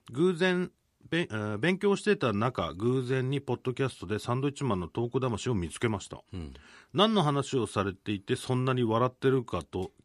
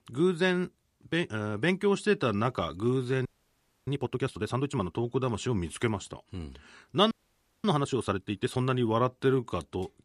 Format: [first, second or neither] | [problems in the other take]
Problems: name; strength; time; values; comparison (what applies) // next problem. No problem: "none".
first | audio freezing; at 3.5 s for 0.5 s and at 7 s for 0.5 s